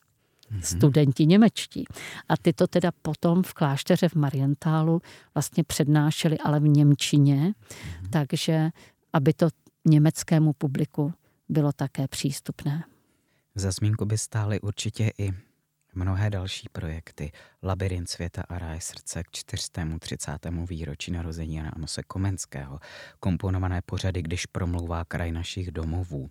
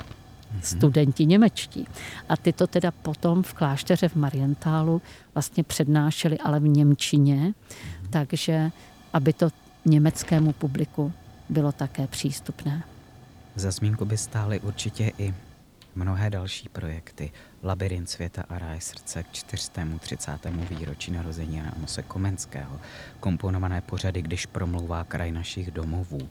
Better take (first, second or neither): first